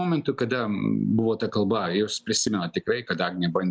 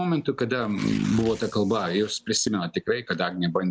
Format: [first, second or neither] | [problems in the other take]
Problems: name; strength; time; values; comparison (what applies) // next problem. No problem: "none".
first | background sound (Tearing); 20 dB below the speech